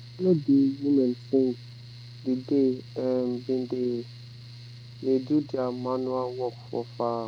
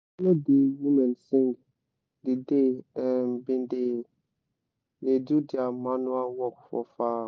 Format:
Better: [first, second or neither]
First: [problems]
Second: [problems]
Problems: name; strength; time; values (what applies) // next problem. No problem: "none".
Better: second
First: background sound (Mechanical fan); 17 dB below the speech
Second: none